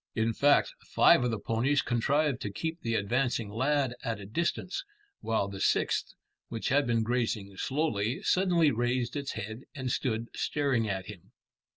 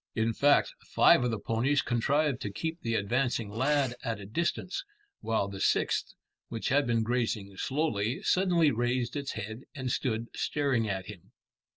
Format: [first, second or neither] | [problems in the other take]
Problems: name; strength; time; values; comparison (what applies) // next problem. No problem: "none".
first | noise reduction (neural separator model SepFormer DNS4)